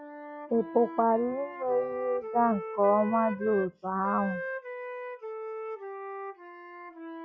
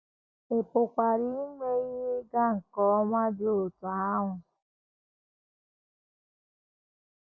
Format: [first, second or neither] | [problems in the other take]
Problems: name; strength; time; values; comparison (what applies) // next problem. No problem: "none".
second | noise reduction (classical method log-MMSE)